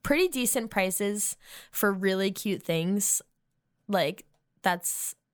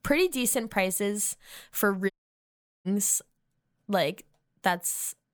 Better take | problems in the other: first | audio cutting out; at 2 s for 1 s

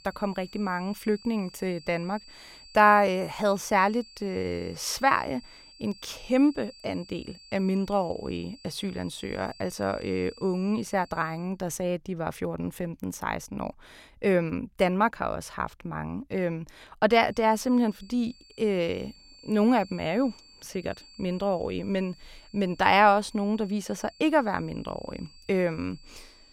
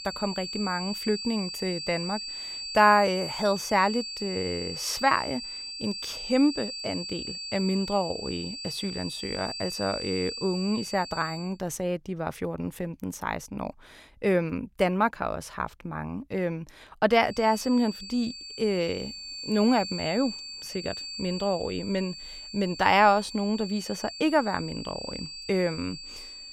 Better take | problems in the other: first | high-pitched whine; loud; until 11 s and from 17 s on; 4.5 kHz, 7 dB below the speech; faint in the first

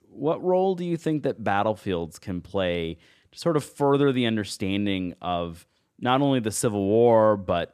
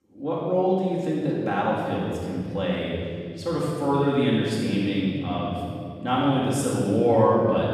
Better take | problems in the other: first | room echo; strong; dies away in 3 s // off-mic speech; far

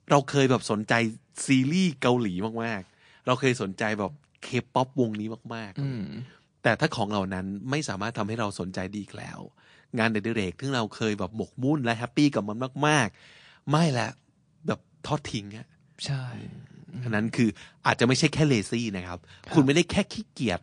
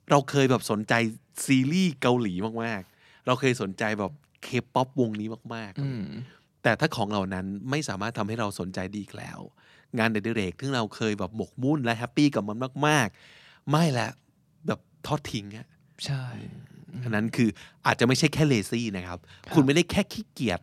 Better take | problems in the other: second | garbled, watery; slightly; nothing above 9 kHz

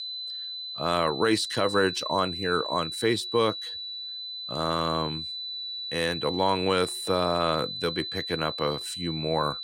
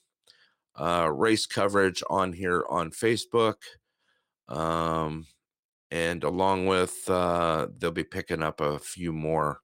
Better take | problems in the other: second | high-pitched whine; loud; throughout; 4 kHz, 5 dB below the speech

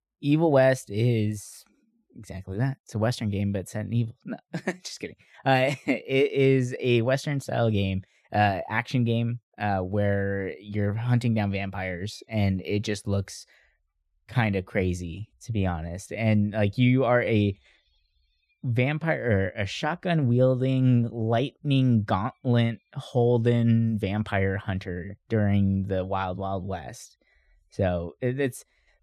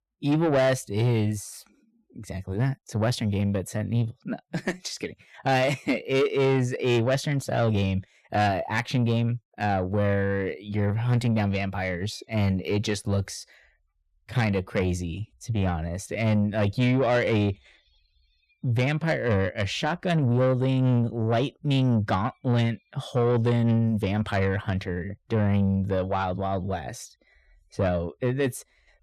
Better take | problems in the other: first | distortion; slight; 10 dB below the speech

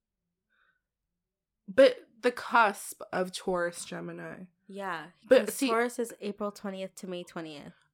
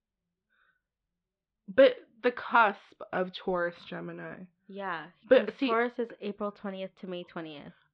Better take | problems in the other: first | muffled; slightly; fading above 3.5 kHz

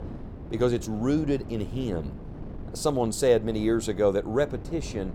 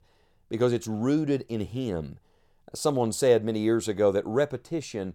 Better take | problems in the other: second | wind noise on the microphone; occasional gusts; 20 dB below the speech

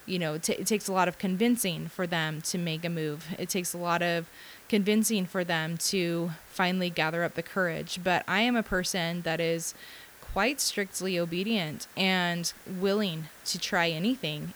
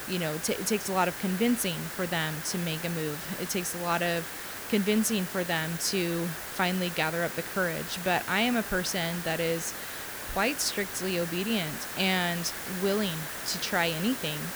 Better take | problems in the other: first | hiss; loud; throughout; 6 dB below the speech; faint in the first

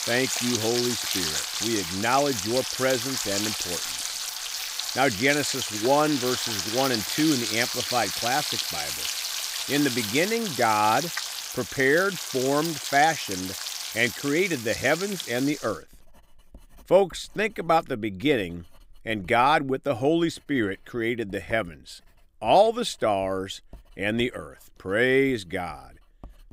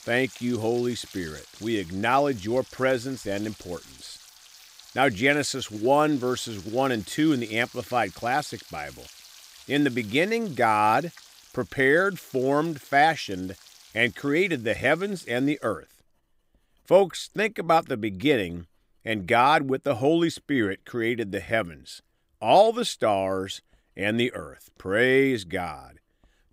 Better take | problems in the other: second | household noises; loud; throughout; 3 dB below the speech; faint in the second

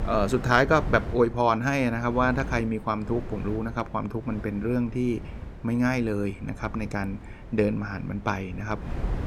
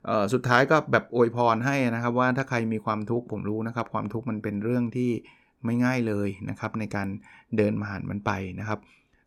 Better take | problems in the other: second | wind noise on the microphone; occasional gusts; 20 dB below the speech

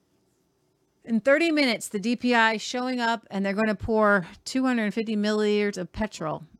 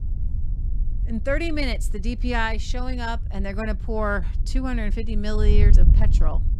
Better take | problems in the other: first | wind noise on the microphone; occasional gusts; 15 dB below the speech

